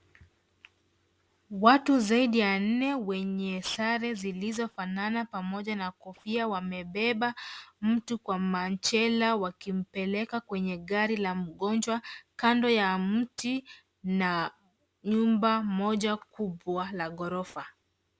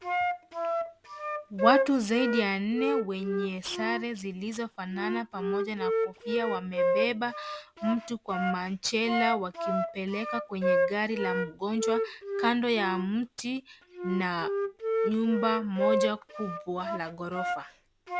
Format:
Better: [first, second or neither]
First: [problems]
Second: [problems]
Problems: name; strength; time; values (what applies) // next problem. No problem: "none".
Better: first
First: none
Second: background sound (Wind instrument, woodwind instrument); 1 dB below the speech